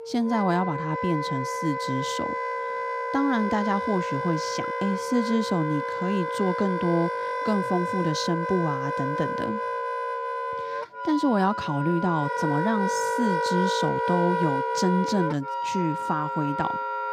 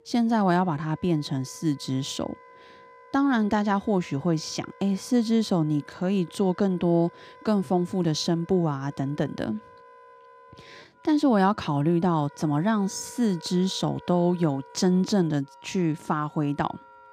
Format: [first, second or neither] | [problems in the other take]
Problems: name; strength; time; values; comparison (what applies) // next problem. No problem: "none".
second | background music; loud; throughout; 2 dB below the speech; faint in the second